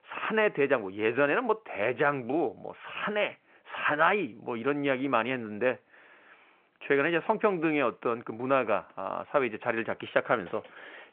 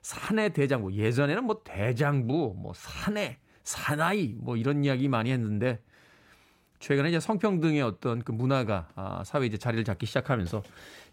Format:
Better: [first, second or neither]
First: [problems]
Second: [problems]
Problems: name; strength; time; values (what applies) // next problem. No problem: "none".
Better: second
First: phone-call audio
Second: none